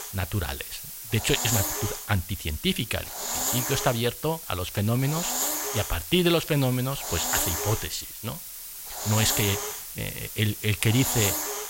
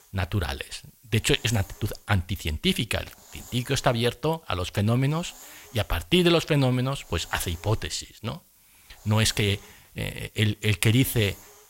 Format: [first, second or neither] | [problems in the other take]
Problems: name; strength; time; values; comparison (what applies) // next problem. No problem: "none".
second | hiss; loud; throughout; 2 dB below the speech; faint in the second